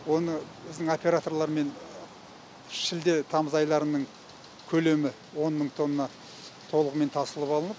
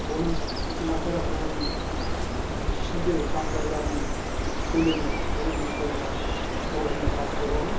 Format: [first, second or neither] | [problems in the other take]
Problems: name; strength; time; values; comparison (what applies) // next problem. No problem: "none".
first | background sound (Bird); 5 dB above the speech // room echo; dies away in 0.6 s